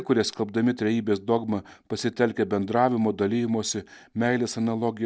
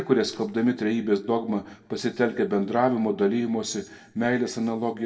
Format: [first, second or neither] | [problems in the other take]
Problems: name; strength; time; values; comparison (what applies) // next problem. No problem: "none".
first | room echo; dies away in 0.6 s